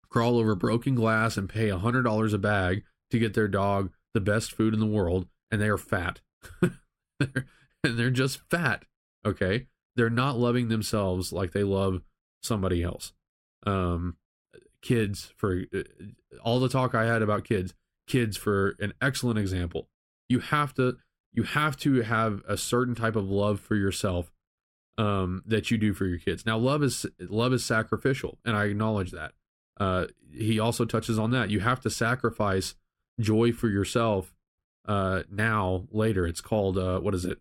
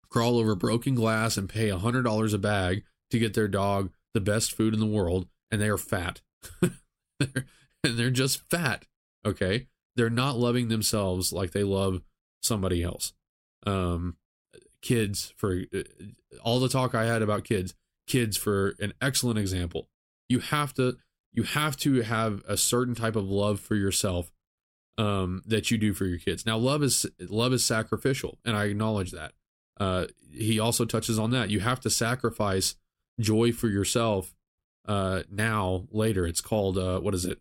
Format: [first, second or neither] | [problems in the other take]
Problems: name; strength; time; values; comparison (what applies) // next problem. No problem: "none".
second | muffled; slightly; fading above 3.5 kHz